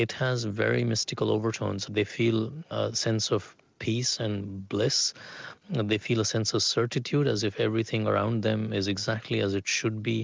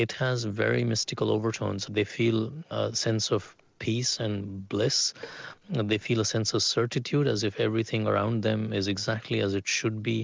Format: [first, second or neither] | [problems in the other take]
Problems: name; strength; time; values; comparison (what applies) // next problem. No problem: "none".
first | noise reduction (neural mask model Resemble Enhance denoiser)